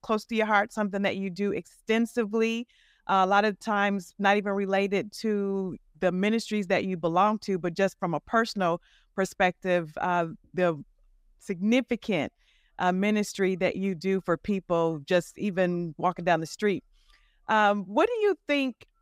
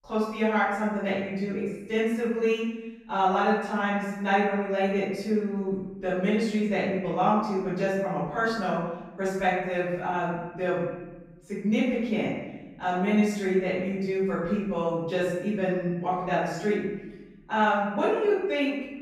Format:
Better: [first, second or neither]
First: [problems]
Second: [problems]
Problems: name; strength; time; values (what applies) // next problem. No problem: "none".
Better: first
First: none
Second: room echo; strong; dies away in 1 s // off-mic speech; far